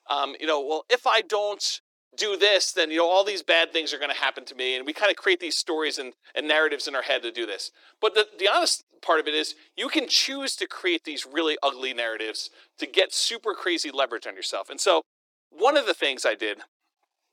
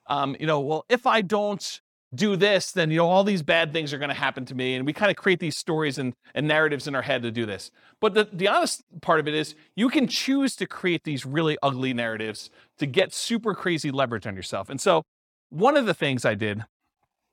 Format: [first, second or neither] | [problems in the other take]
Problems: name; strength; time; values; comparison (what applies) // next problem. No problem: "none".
second | thin; very; fading below 300 Hz